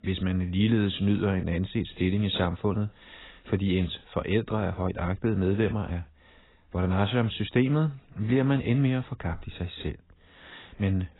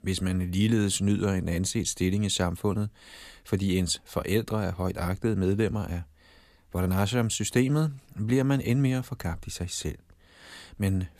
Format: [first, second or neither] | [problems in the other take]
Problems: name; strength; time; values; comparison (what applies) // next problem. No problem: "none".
second | garbled, watery; badly; nothing above 4 kHz